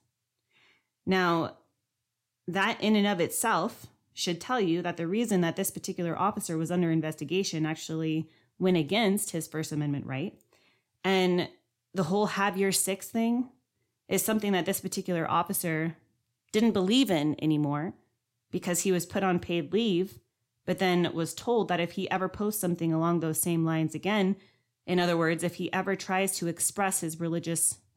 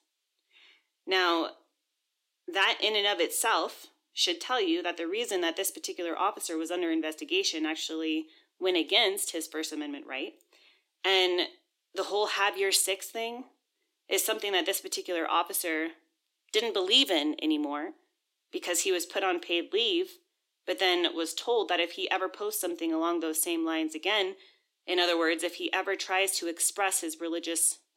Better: first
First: none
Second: thin; very; fading below 300 Hz

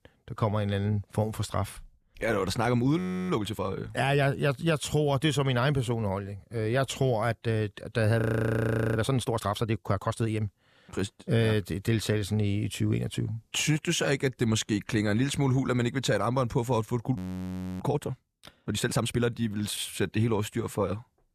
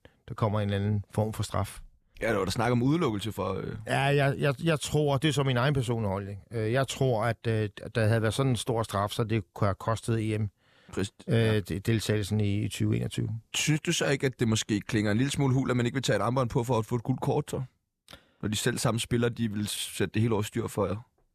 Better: second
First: audio freezing; at 3 s, at 8 s for 1 s and at 17 s for 0.5 s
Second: none

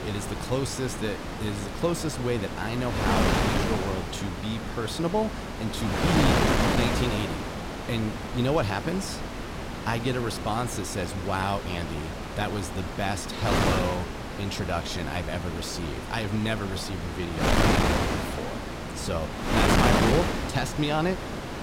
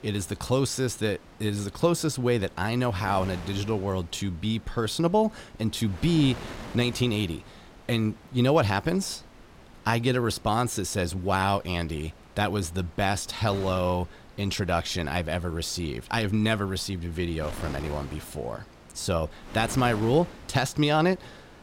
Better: second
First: wind noise on the microphone; heavy; 2 dB above the speech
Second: wind noise on the microphone; occasional gusts; 20 dB below the speech

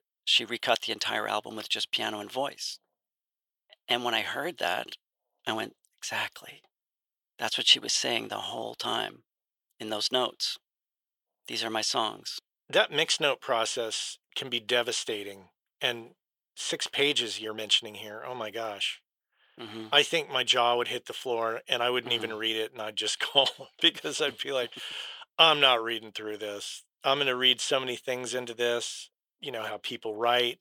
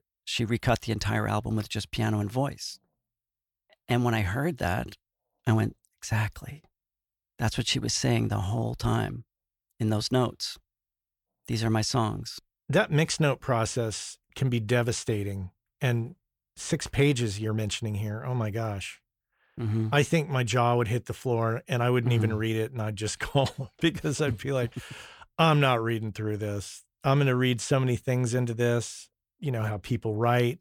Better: second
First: thin; very; fading below 500 Hz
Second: none

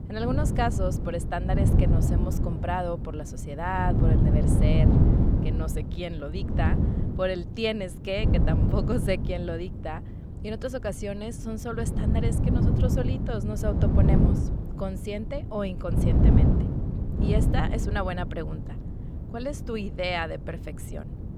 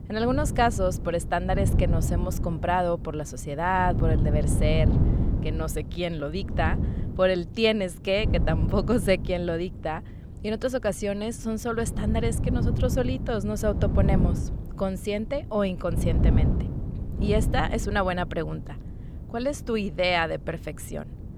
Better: second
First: wind noise on the microphone; heavy; 3 dB below the speech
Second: wind noise on the microphone; occasional gusts; 10 dB below the speech

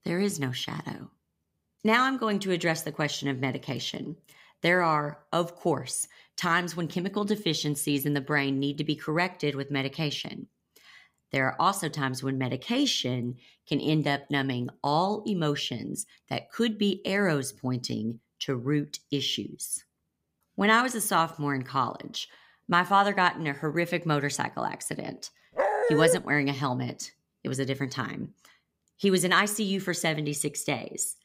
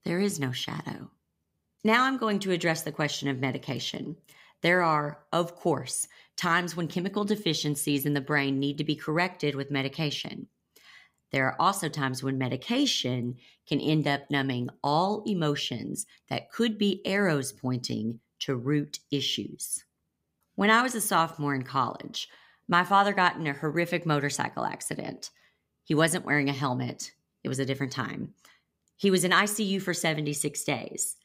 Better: second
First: dog barking; loud; at 26 s; peak 3 dB above the speech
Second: none

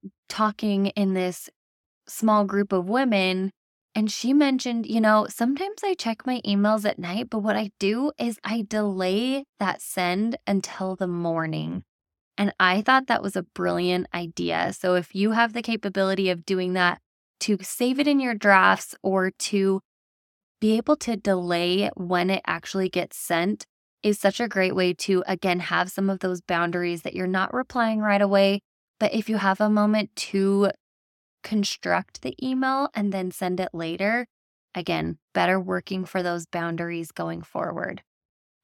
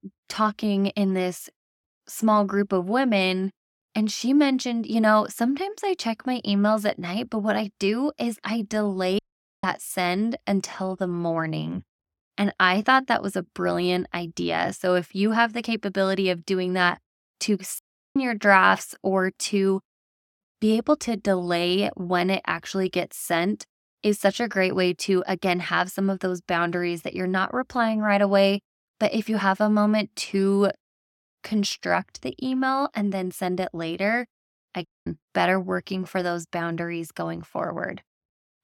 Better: first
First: none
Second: audio cutting out; at 9 s, at 18 s and at 35 s

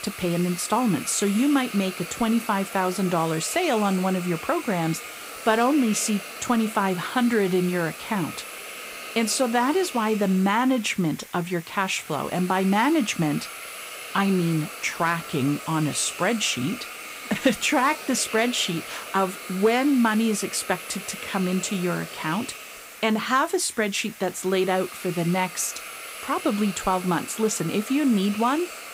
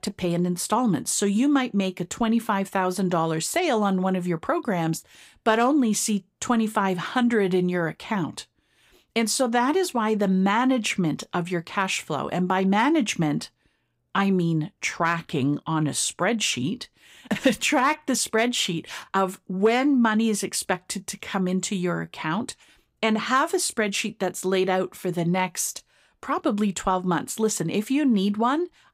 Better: second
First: hiss; noticeable; throughout; 10 dB below the speech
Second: none

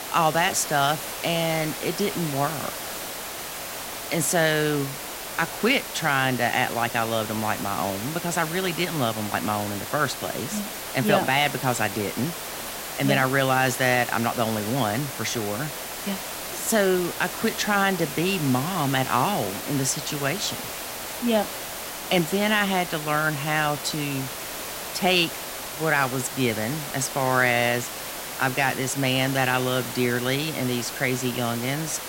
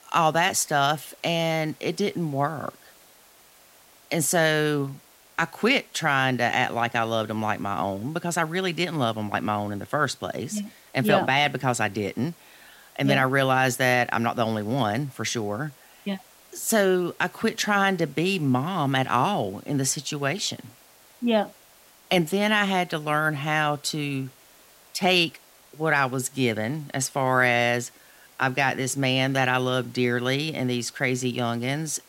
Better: second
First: hiss; loud; throughout; 7 dB below the speech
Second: hiss; faint; throughout; 25 dB below the speech

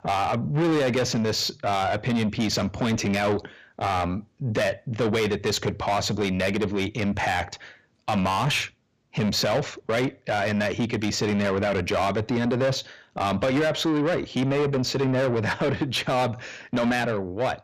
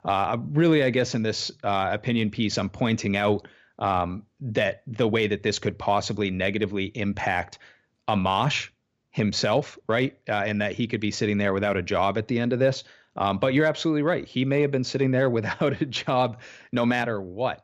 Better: second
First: distortion; heavy; 8 dB below the speech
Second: none

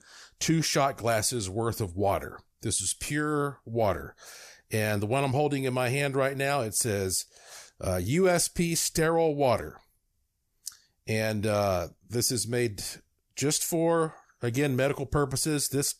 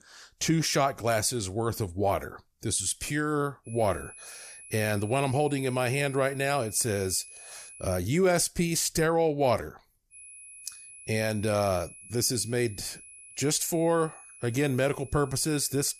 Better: first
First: none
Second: high-pitched whine; noticeable; from 3.5 to 8 s and from 10 s on; 10 kHz, 20 dB below the speech

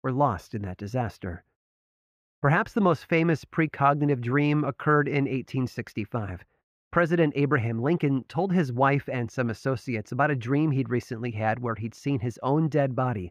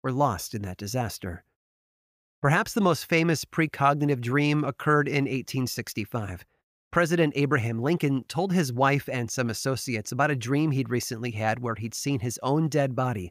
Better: second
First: muffled; slightly; fading above 4 kHz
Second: none

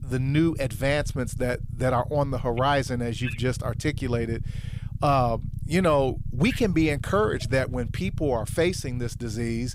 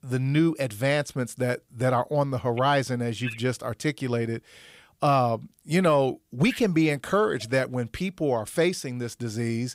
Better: second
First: low rumble; faint; throughout; 20 dB below the speech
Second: none

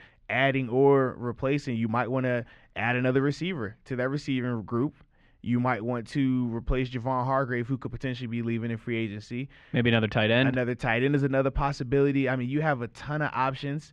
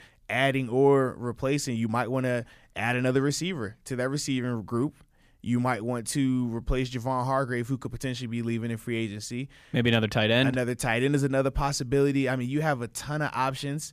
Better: second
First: muffled; slightly; fading above 2.5 kHz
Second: none

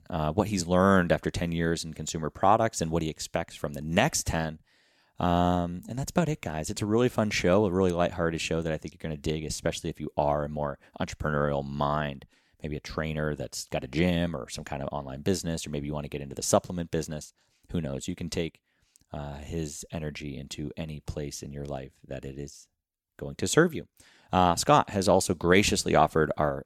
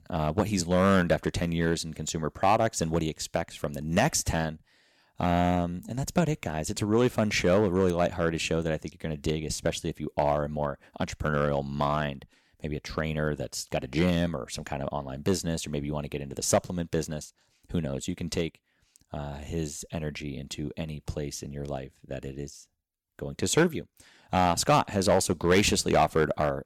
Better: first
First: none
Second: distortion; slight; 1.2% of the sound clipped

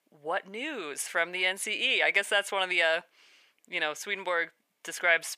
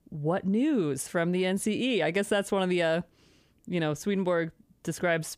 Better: second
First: thin; very; fading below 800 Hz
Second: none

